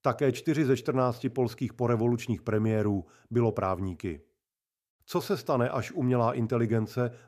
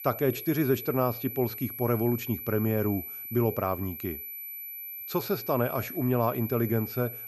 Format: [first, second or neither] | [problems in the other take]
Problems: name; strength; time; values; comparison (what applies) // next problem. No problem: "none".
first | high-pitched whine; loud; throughout; 12 kHz, 8 dB below the speech